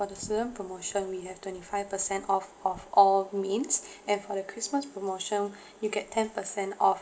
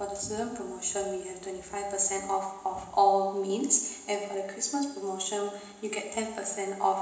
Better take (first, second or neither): first